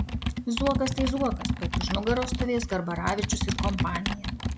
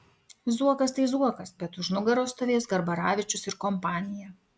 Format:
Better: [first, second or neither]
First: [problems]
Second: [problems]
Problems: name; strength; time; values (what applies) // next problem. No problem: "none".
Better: second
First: background sound (Computer keyboard); as loud as the speech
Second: none